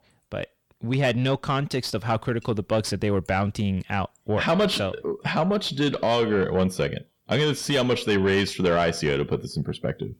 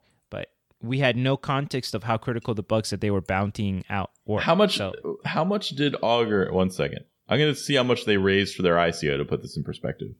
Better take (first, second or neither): second